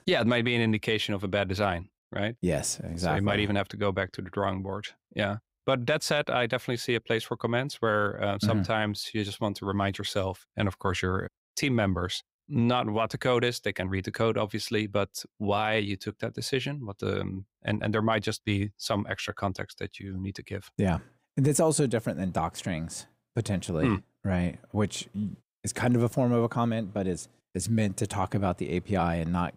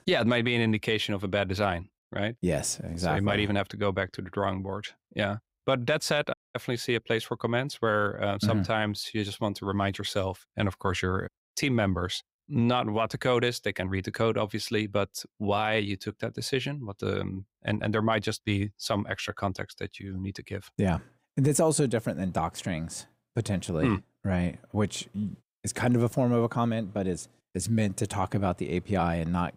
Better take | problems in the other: first | audio cutting out; at 6.5 s

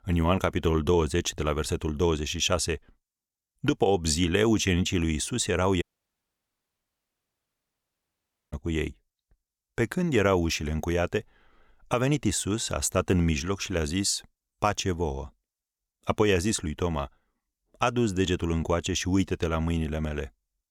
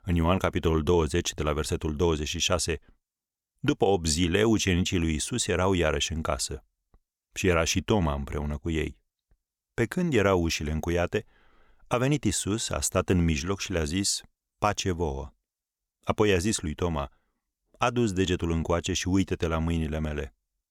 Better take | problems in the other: second | audio cutting out; at 6 s for 2.5 s

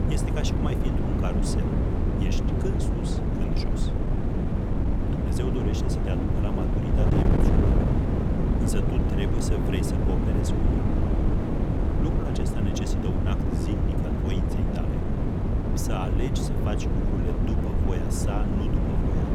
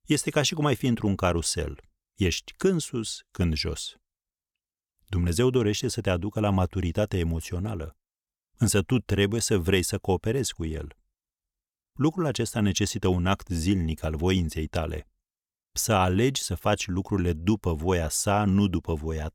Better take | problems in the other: second | wind noise on the microphone; heavy; 5 dB above the speech

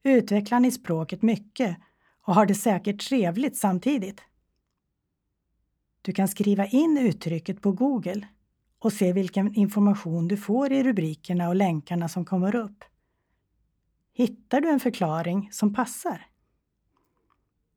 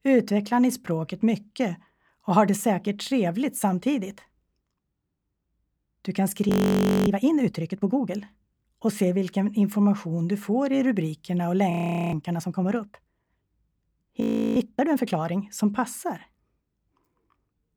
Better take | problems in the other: first | audio freezing; at 6.5 s for 0.5 s, at 12 s and at 14 s

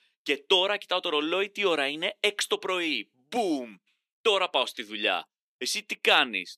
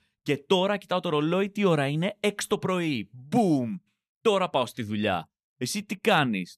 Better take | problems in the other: second | thin; somewhat; fading below 300 Hz

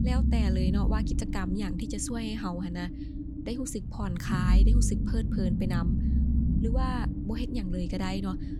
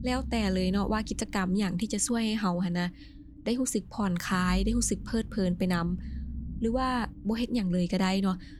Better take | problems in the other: second | low rumble; loud; throughout; 3 dB below the speech; faint in the second

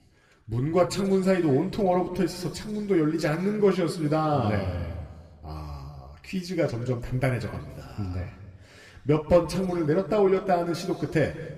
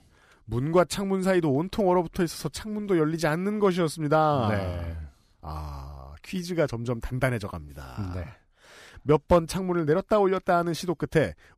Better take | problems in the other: second | room echo; slight; dies away in 1.6 s

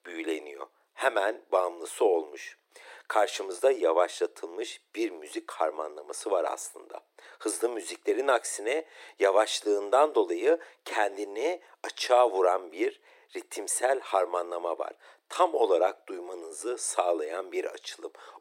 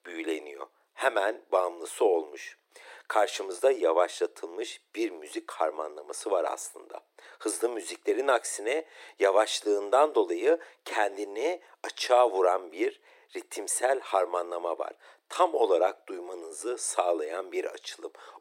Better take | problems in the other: neither | thin; very; fading below 300 Hz; the same in both

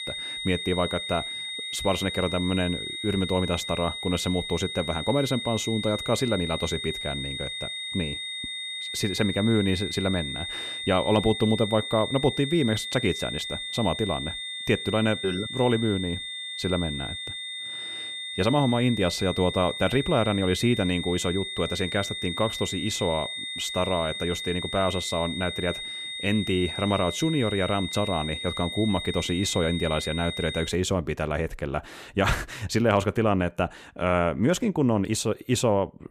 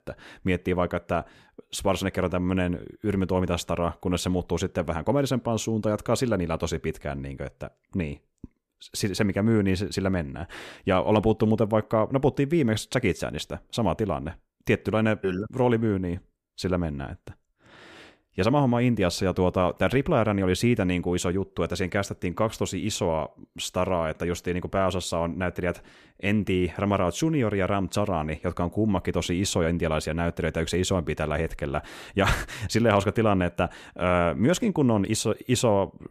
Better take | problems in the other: second | high-pitched whine; loud; until 31 s; 3.5 kHz, 5 dB below the speech

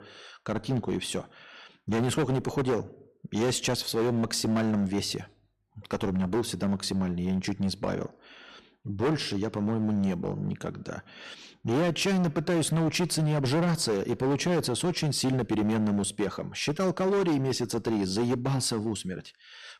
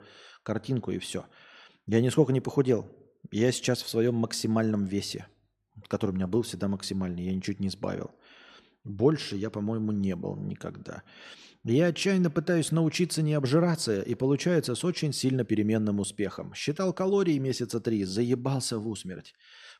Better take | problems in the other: second | distortion; heavy; 13% of the sound clipped

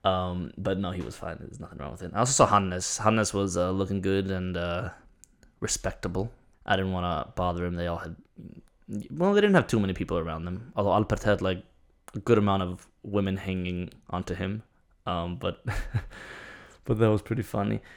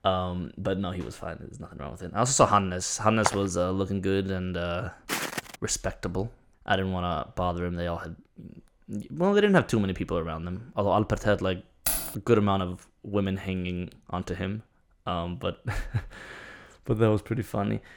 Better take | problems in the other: first | footsteps; noticeable; at 3 s and at 5 s; peak 2 dB below the speech // jangling keys; loud; at 12 s; peak 1 dB above the speech

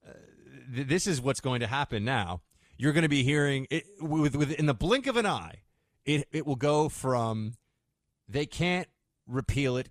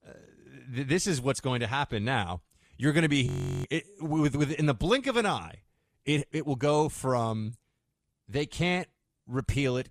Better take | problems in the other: first | audio freezing; at 3.5 s

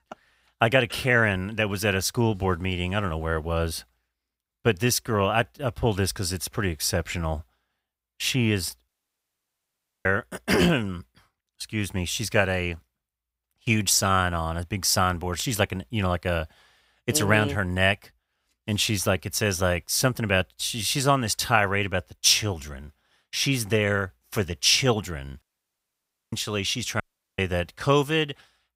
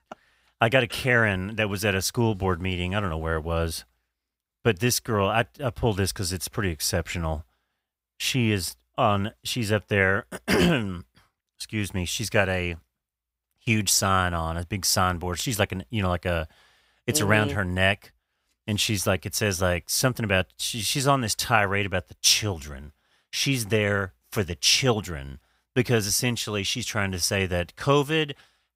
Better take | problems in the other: second | audio cutting out; at 9 s for 1 s, at 25 s for 1 s and at 27 s

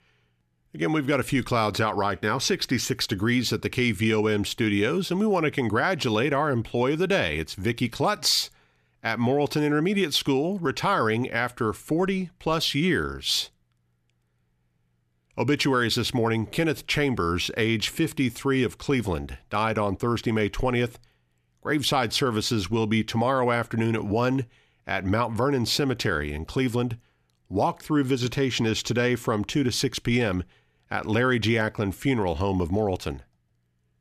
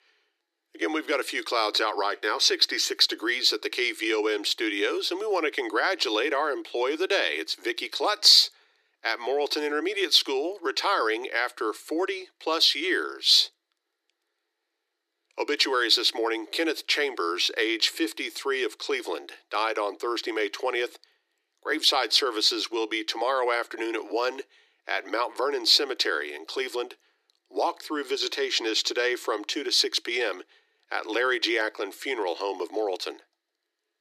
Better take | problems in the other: first | thin; very; fading below 300 Hz

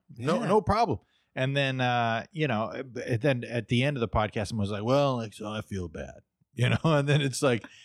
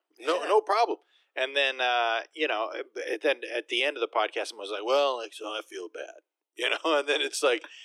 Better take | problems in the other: first | thin; very; fading below 300 Hz

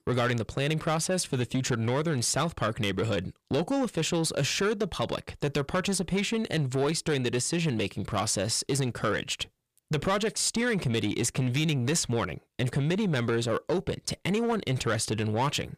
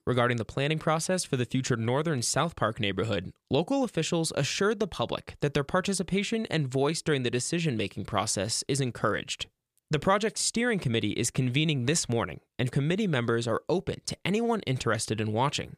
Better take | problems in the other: second | distortion; slight; 10 dB below the speech

